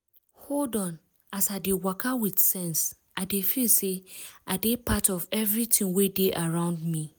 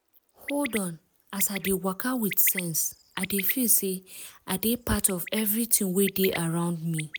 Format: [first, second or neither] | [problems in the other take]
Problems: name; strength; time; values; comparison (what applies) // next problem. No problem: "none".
first | background sound (Bird); 14 dB below the speech